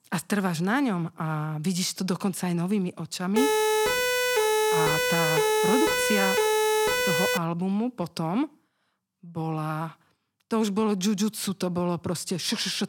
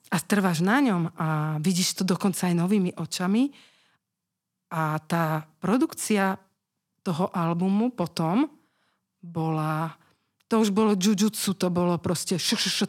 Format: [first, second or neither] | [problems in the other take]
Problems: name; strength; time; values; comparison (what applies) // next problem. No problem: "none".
second | siren; loud; from 3.5 to 7.5 s; peak 6 dB above the speech